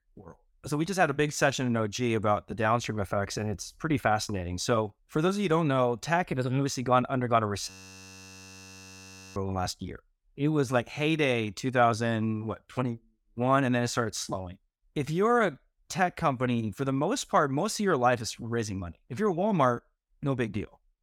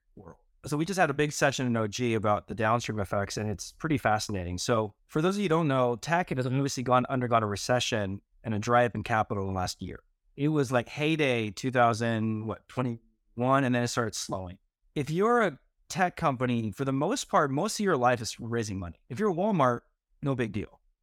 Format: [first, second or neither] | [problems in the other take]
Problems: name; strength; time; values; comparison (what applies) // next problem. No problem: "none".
second | audio freezing; at 7.5 s for 1.5 s